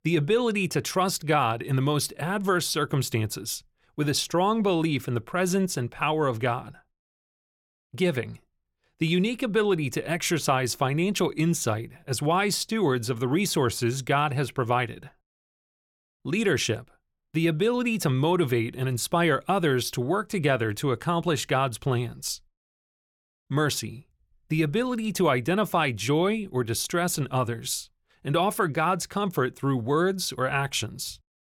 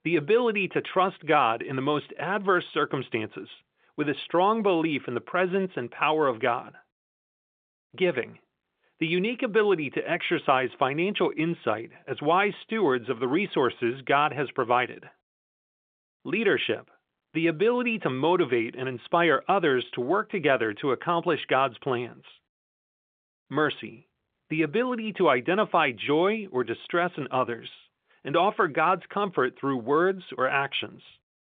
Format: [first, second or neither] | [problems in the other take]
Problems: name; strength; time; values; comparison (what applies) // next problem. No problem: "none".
first | phone-call audio; nothing above 3.5 kHz